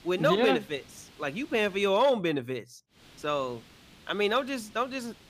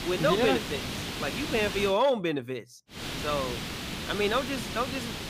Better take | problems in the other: first | hiss; loud; until 2 s and from 3 s on; 5 dB below the speech; faint in the first

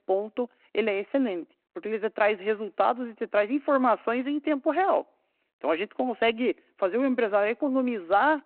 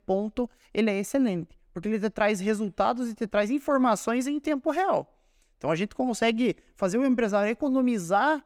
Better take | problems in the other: second | phone-call audio

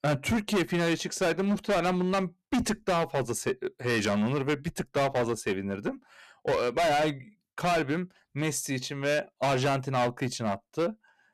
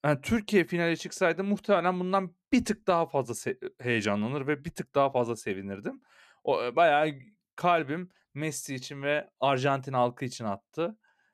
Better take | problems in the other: second | distortion; heavy; 15% of the sound clipped

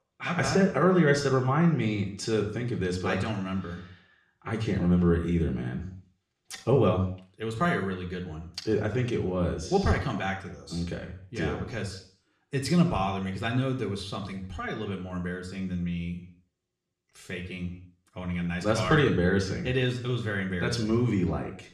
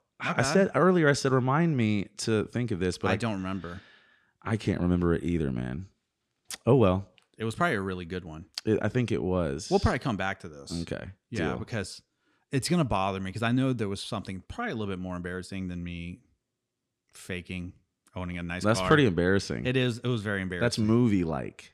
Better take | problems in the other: second | room echo; slight; dies away in 0.5 s // off-mic speech; somewhat distant

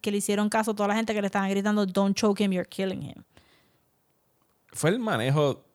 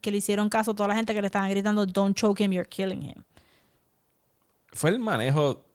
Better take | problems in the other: first | garbled, watery; slightly

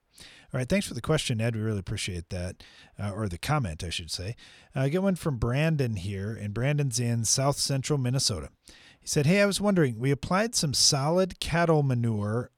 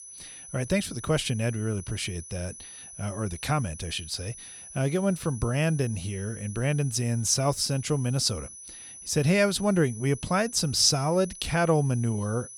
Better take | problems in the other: first | high-pitched whine; noticeable; throughout; 10 kHz, 15 dB below the speech

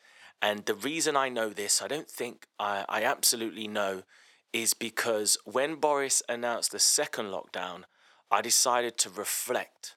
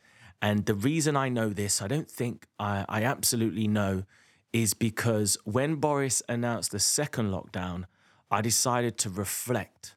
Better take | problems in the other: second | thin; very; fading below 500 Hz

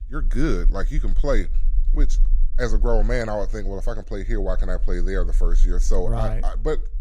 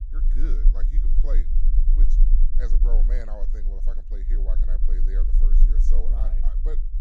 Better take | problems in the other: first | low rumble; loud; throughout; 5 dB below the speech; faint in the first

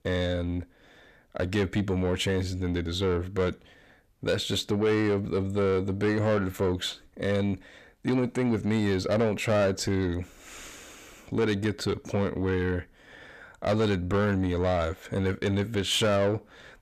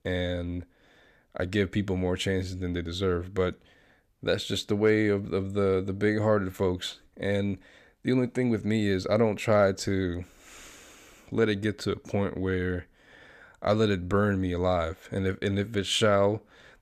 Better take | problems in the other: second | distortion; slight; 10 dB below the speech

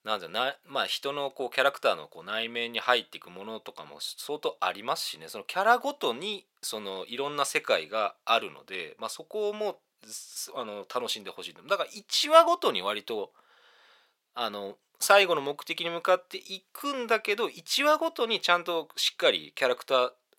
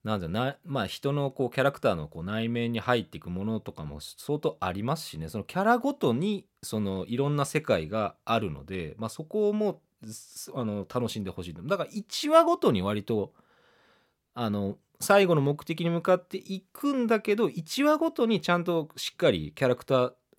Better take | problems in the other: second | thin; very; fading below 600 Hz

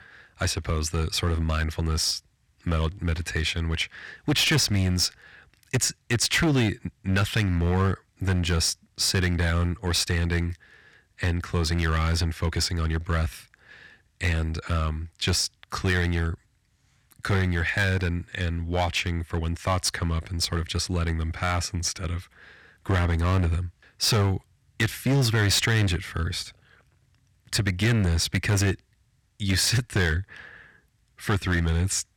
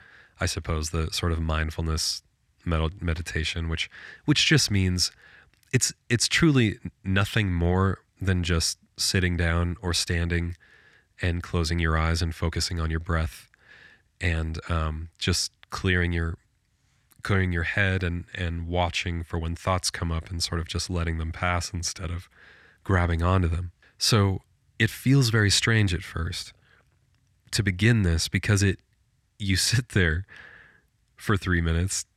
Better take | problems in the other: second | distortion; slight; 7% of the sound clipped

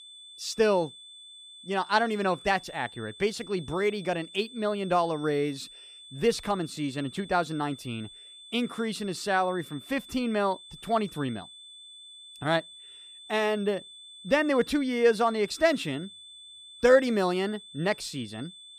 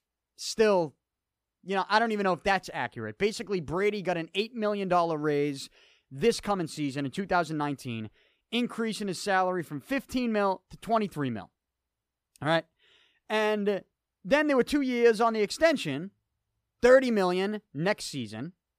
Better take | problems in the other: second | high-pitched whine; noticeable; throughout; 3.5 kHz, 15 dB below the speech

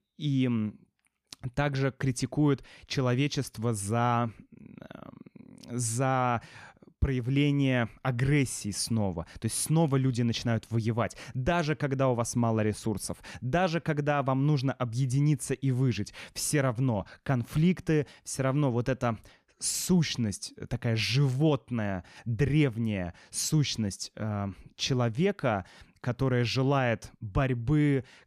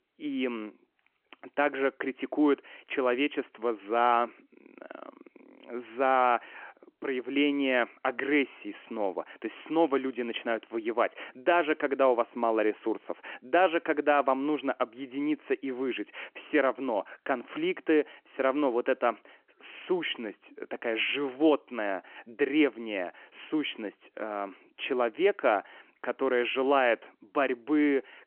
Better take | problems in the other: first | phone-call audio

